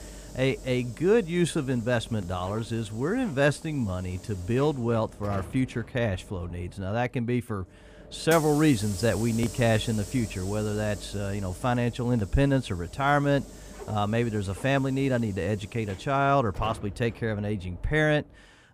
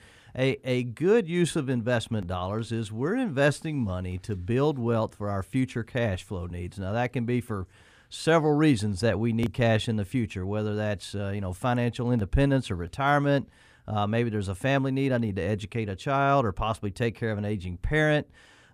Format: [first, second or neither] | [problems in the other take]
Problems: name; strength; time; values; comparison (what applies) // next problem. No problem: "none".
second | hiss; noticeable; throughout; 15 dB below the speech